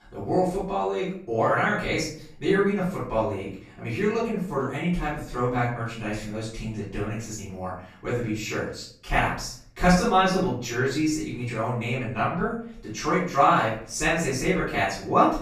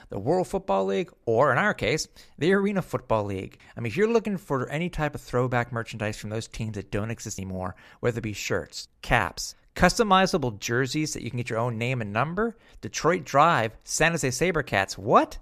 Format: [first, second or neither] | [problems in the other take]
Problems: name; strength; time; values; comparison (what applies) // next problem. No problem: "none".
second | off-mic speech; far // room echo; noticeable; dies away in 0.4 s